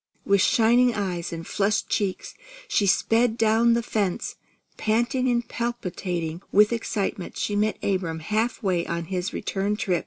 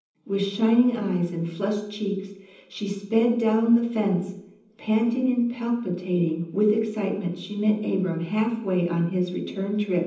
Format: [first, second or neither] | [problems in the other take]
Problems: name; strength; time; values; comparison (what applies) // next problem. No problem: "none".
first | room echo; dies away in 0.8 s